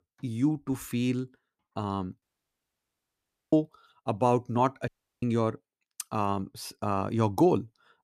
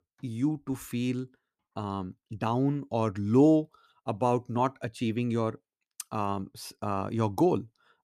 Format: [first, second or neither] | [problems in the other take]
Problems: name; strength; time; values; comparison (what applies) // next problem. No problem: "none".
second | audio cutting out; at 2 s for 1.5 s and at 5 s